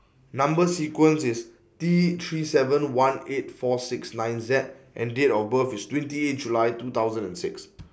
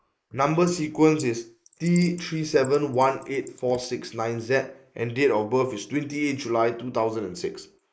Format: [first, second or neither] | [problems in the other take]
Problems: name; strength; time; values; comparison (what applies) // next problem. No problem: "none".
first | noise reduction (neural mask model Resemble Enhance denoiser)